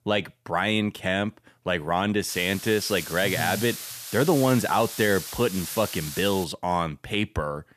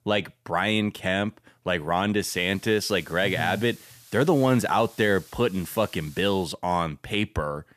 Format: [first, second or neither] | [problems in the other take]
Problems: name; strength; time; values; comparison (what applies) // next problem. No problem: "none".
second | hiss; loud; from 2.5 to 6.5 s; 9 dB below the speech; faint in the second